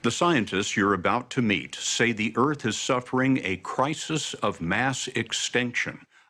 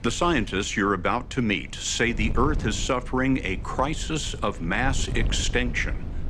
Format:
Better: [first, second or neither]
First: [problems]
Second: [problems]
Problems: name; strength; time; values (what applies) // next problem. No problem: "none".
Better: first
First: none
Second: wind noise on the microphone; occasional gusts; 20 dB below the speech